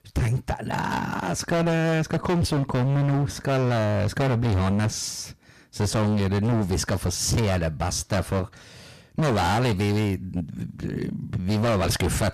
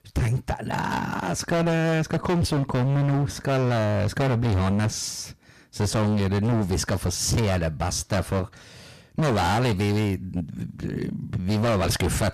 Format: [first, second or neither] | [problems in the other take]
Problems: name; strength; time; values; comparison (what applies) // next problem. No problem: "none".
neither | distortion; heavy; 24% of the sound clipped; the same in both